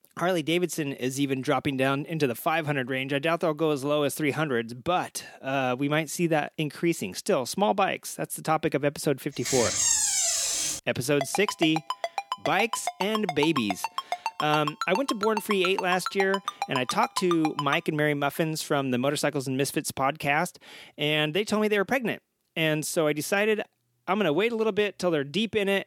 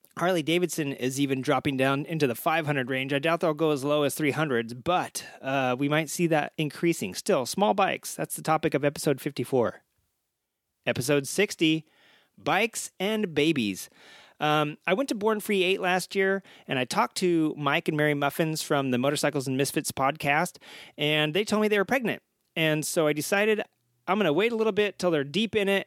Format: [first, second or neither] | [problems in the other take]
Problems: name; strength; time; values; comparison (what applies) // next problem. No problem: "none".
second | door banging; loud; from 9.5 to 11 s; peak 6 dB above the speech // phone ringing; noticeable; from 11 to 18 s; peak 5 dB below the speech